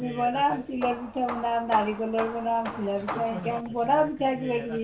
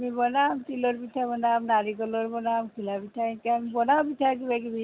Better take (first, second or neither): second